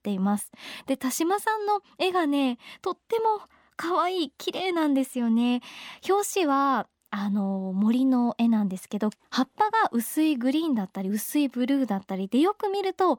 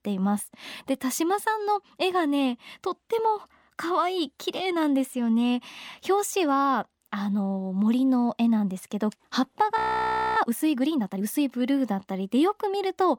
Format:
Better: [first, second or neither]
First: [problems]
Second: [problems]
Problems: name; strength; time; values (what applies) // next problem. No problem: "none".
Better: first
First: none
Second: audio freezing; at 10 s for 0.5 s